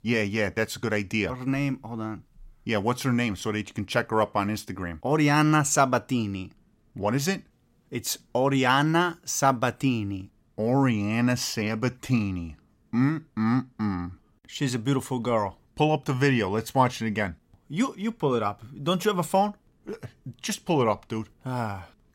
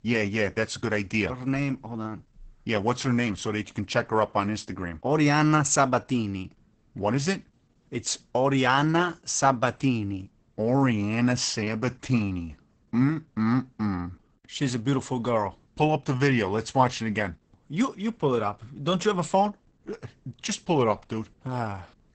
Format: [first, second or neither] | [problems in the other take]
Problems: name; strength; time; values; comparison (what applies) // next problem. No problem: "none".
first | garbled, watery; badly; nothing above 8 kHz